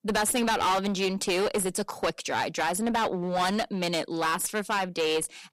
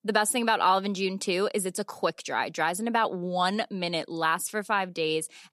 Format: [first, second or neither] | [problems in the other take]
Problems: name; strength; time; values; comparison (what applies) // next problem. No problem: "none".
second | distortion; heavy; 17% of the sound clipped